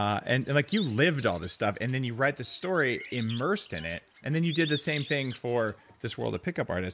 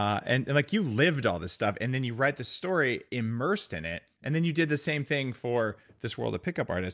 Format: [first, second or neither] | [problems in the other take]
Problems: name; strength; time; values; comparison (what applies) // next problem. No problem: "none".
second | background sound (Bird); 17 dB below the speech